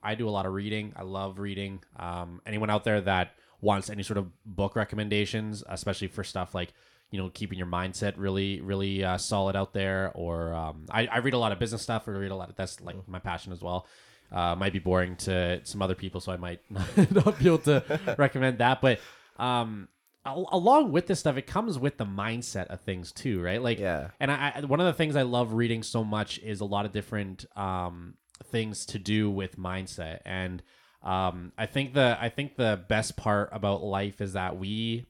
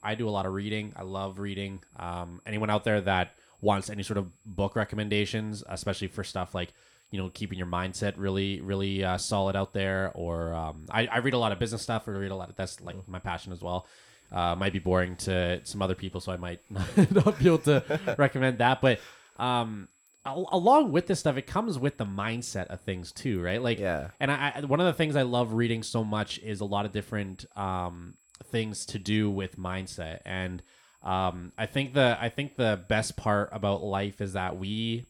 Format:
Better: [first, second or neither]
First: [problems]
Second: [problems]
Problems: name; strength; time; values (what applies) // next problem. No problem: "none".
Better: first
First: none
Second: high-pitched whine; faint; throughout; 7.5 kHz, 35 dB below the speech